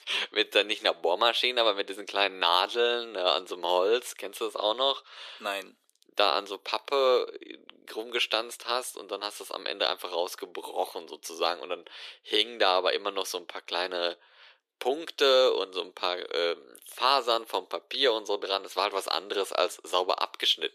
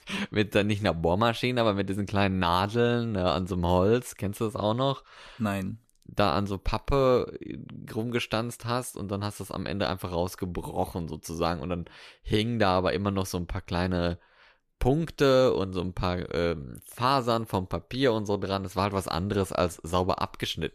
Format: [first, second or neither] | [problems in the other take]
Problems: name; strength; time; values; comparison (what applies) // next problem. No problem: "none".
second | thin; very; fading below 350 Hz